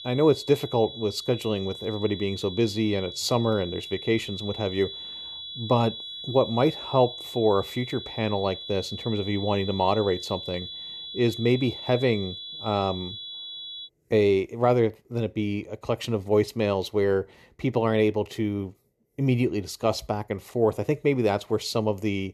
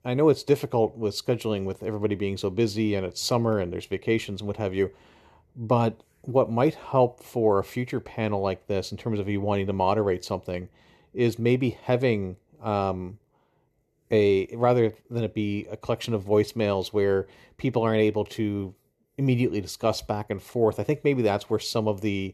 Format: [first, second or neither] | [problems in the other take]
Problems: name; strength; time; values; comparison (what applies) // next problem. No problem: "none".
second | high-pitched whine; loud; until 14 s; 3.5 kHz, 10 dB below the speech